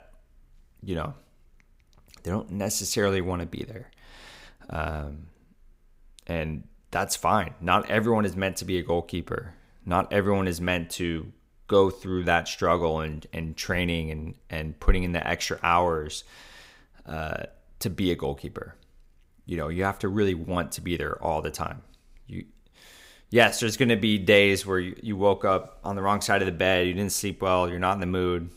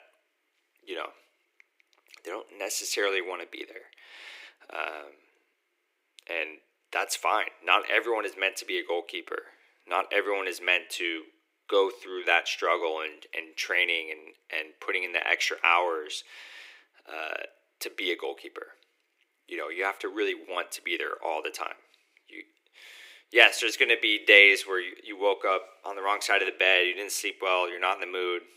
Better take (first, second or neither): first